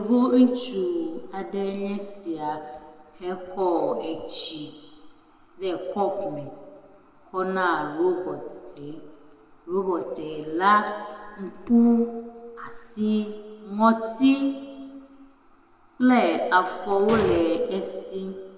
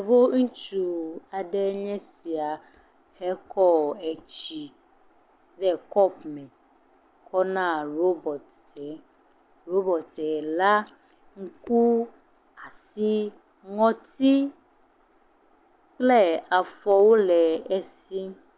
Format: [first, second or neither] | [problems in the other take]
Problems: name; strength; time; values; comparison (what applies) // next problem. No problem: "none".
second | background sound (Explosion); 4 dB below the speech // room echo; dies away in 1.5 s